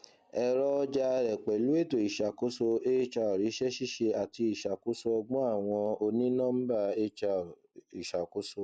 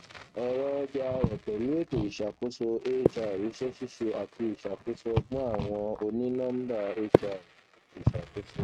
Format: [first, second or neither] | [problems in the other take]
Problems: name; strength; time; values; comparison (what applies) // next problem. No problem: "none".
first | noise reduction (neural mask model RNNoise)